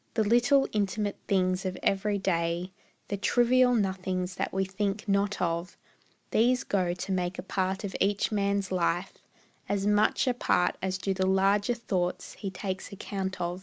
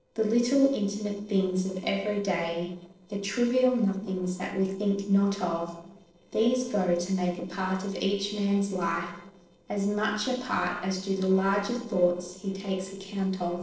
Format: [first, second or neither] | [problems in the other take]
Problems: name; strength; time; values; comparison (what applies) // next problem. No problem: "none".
first | noise reduction (neural separator model SepFormer DNS4)